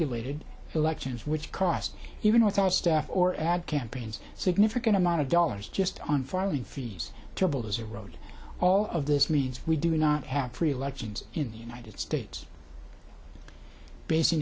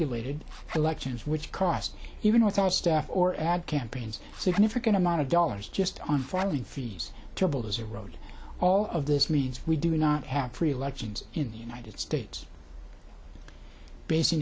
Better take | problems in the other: first | background sound (Zipper (clothing)); 18 dB below the speech

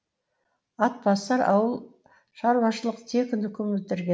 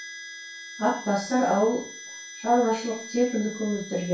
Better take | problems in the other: first | background sound (Harmonica); 14 dB below the speech // room echo; dies away in 0.3 s

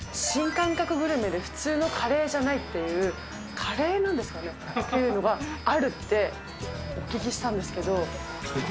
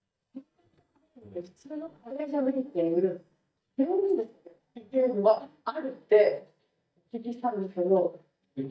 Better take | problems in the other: first | noise reduction (neural mask model DeepFilterNet 3)

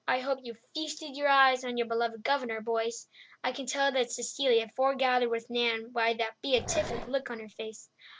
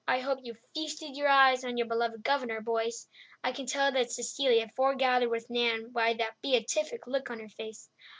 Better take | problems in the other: second | background sound (Growling); 9 dB below the speech

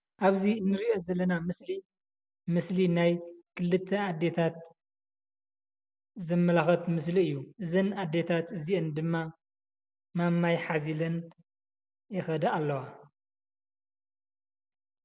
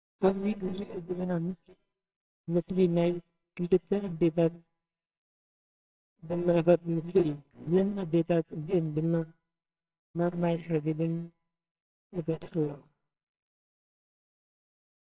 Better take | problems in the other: first | noise reduction (neural separator model SepFormer WHAMR!)

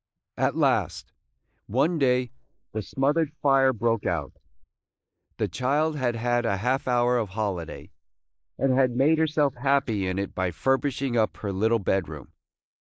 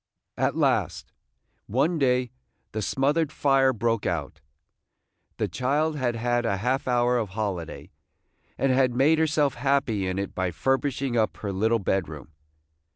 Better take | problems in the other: second | noise reduction (neural mask model Resemble Enhance denoiser)

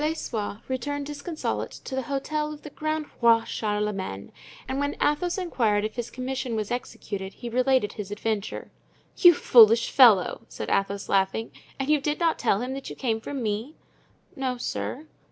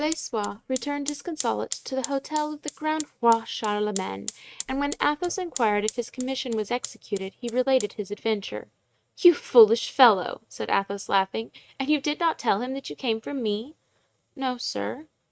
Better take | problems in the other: first | noise reduction (neural mask model RNNoise)

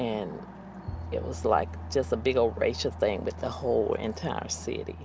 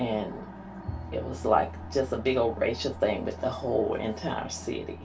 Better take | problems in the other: first | room echo; dies away in 0.2 s

